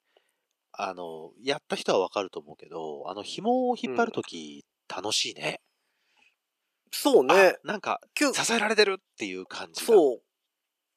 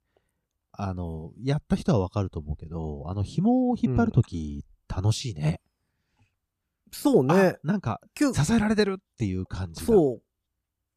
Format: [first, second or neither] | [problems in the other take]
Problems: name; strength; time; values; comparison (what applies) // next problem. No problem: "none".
second | thin; somewhat; fading below 400 Hz